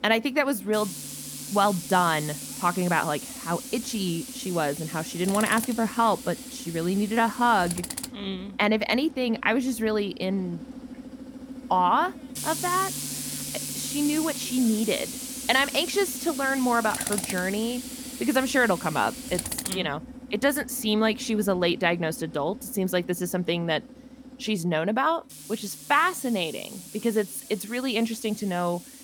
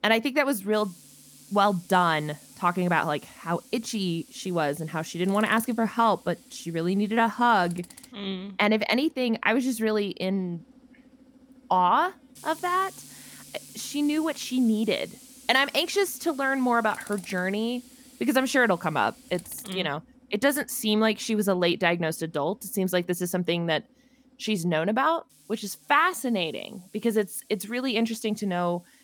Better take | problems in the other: second | machinery noise; loud; throughout; 9 dB below the speech; faint in the second

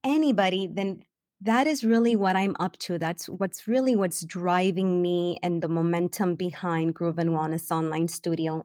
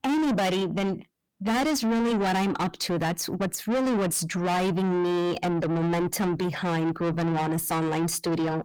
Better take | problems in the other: first | distortion; heavy; 6 dB below the speech

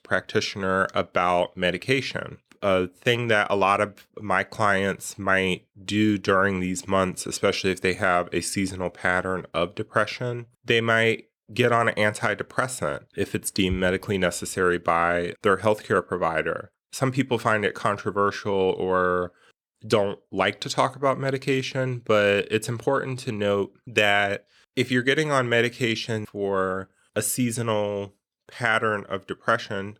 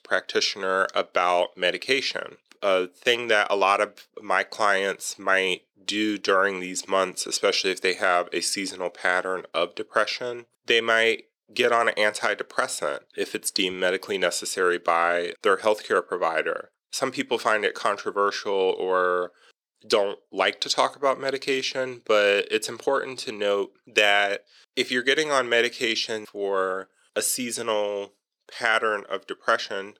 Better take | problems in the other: first | thin; somewhat; fading below 400 Hz

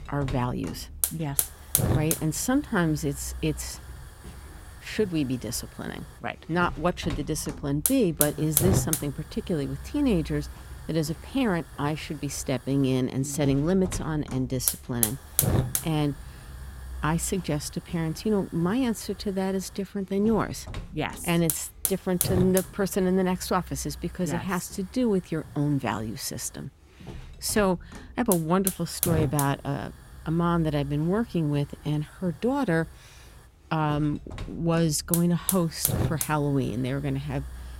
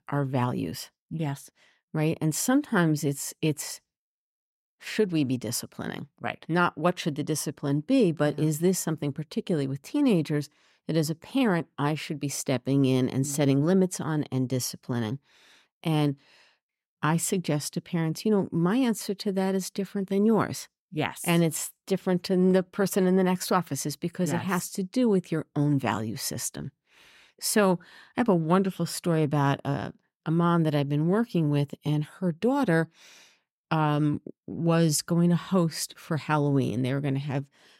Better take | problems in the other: second | hiss; loud; throughout; 3 dB below the speech

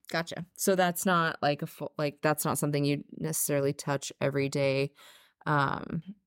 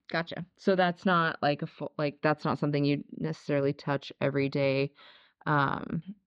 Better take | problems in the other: first | muffled; very slightly; fading above 4.5 kHz

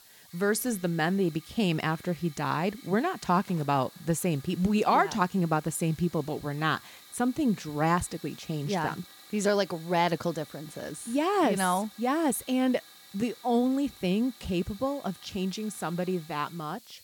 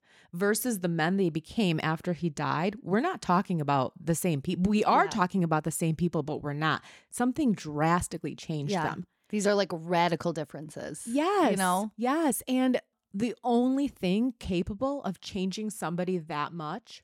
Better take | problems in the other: second | hiss; faint; throughout; 20 dB below the speech

